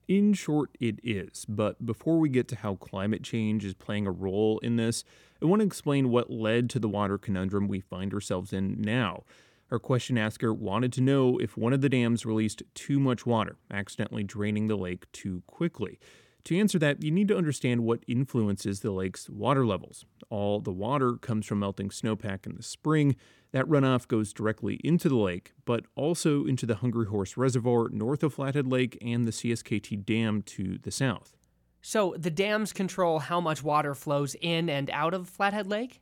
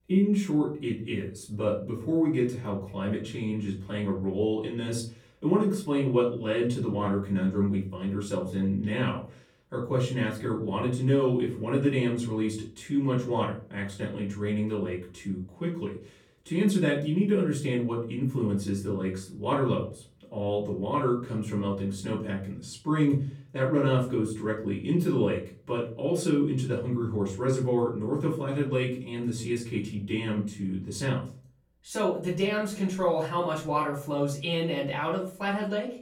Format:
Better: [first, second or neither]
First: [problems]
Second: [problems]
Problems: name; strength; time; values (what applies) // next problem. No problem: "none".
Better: first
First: none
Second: off-mic speech; far // room echo; slight; dies away in 0.4 s